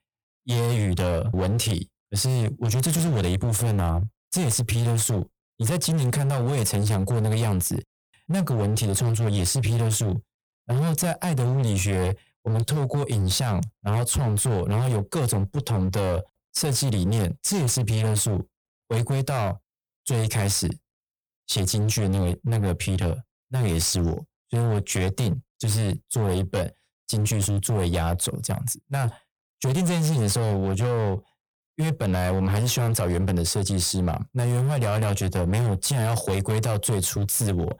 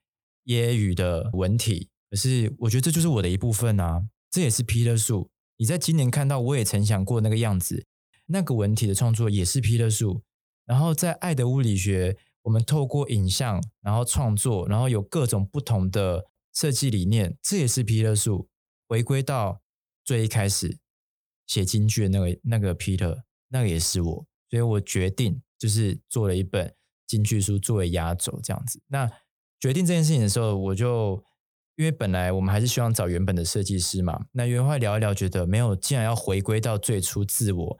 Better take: second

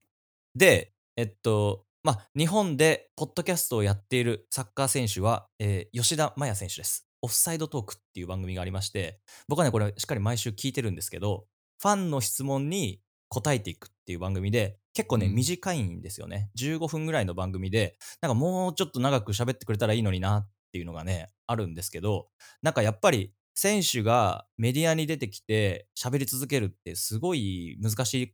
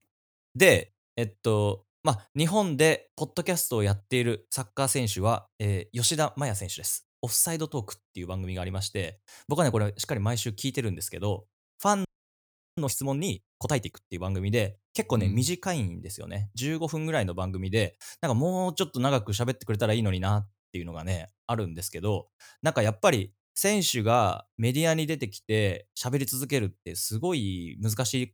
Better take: first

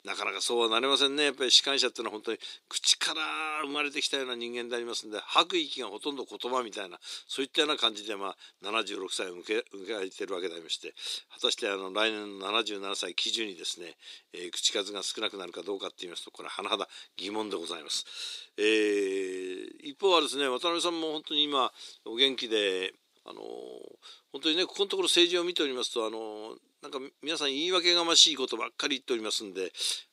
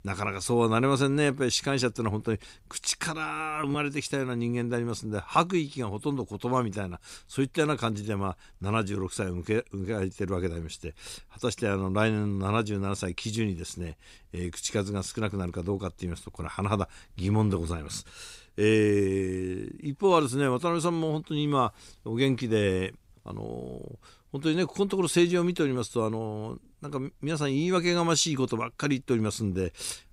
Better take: second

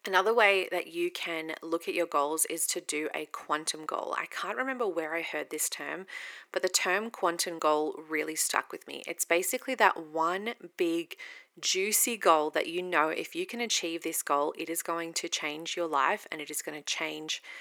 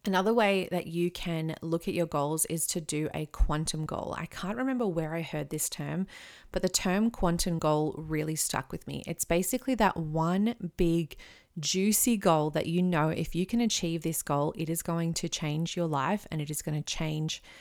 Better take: second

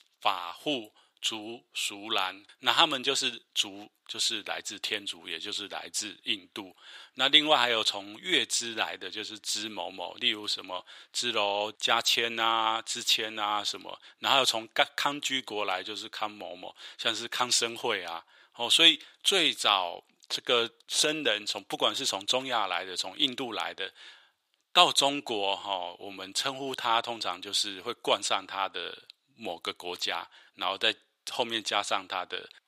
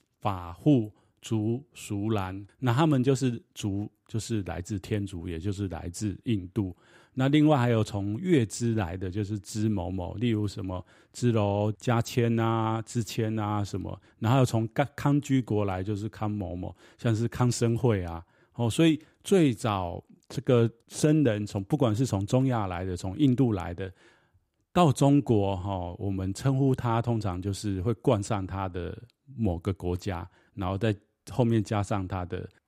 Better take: second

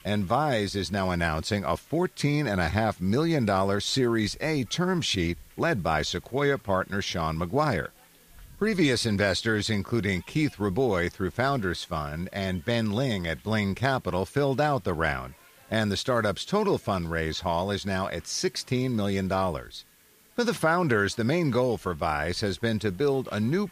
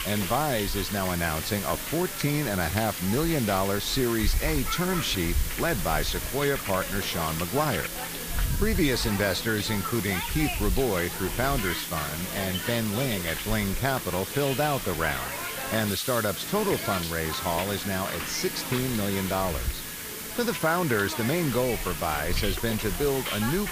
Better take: first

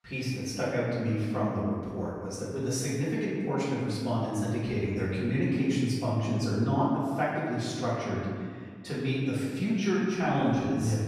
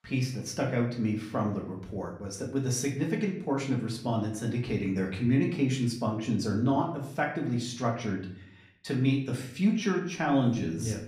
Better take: second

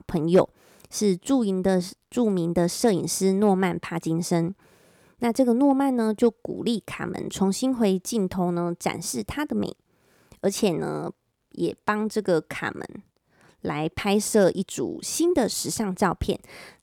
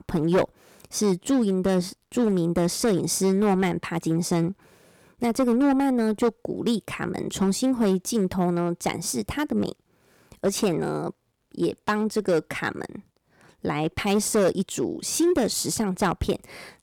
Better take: first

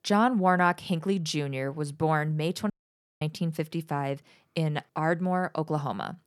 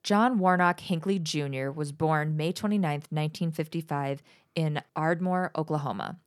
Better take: second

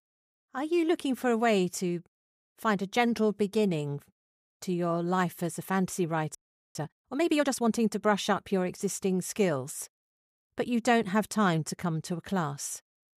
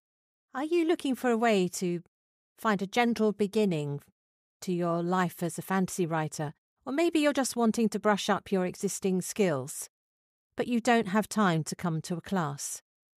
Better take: second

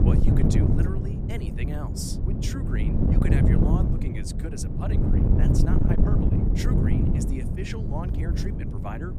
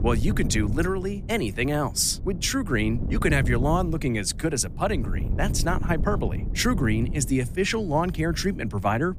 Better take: second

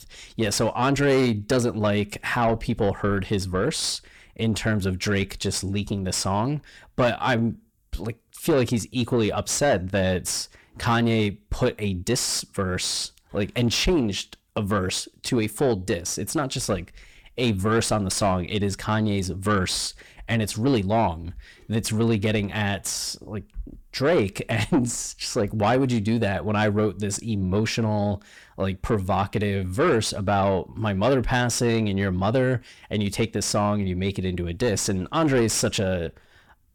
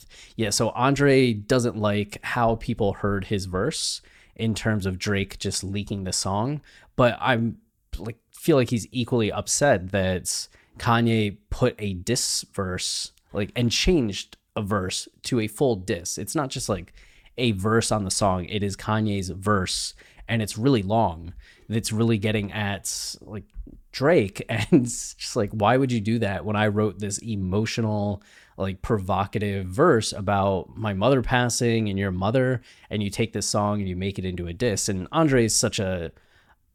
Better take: second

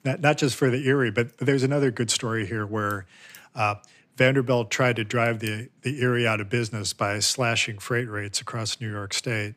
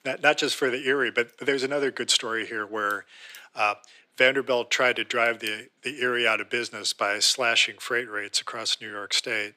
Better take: first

